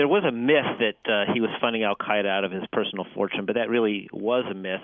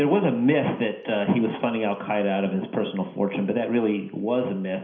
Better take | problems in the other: first | room echo; dies away in 0.5 s

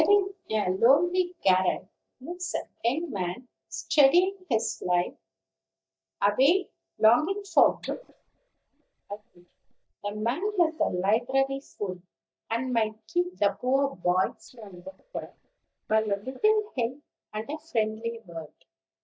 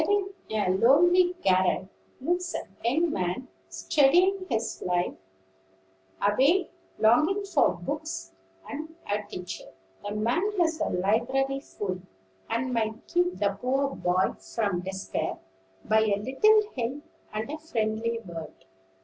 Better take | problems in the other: second | noise reduction (neural mask model DeepFilterNet 3)

